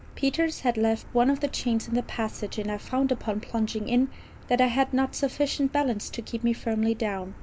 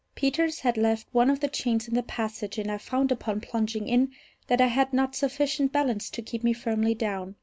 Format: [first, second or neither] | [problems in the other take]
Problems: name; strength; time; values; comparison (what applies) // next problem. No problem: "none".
second | background sound (Car); 16 dB below the speech